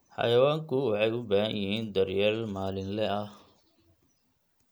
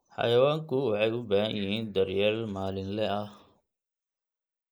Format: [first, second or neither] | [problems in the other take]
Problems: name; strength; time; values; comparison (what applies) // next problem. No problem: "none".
first | noise reduction (neural mask model Resemble Enhance denoiser)